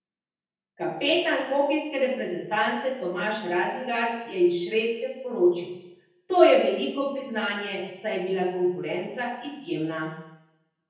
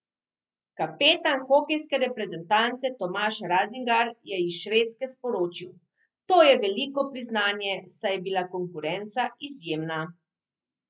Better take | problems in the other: second | room echo; dies away in 0.8 s

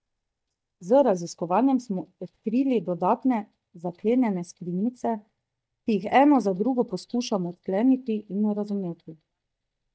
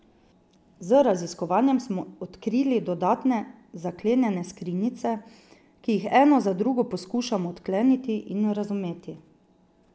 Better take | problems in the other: second | noise reduction (neural mask model DeepFilterNet 3)

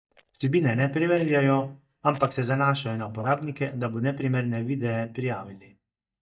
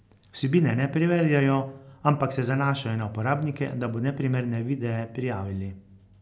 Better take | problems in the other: second | noise reduction (neural mask model DeepFilterNet 3)

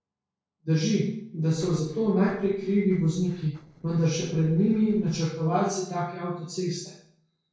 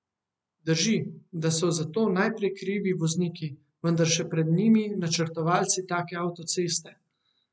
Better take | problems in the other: second | noise reduction (neural separator model SepFormer DNS4)

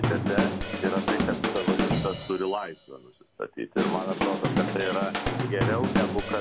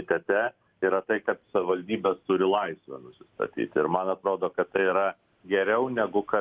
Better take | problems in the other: second | background sound (Drum / Drum kit); 3 dB above the speech

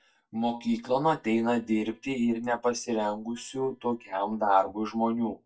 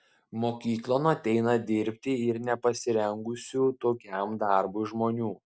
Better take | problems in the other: second | noise reduction (neural mask model DeepFilterNet 3)

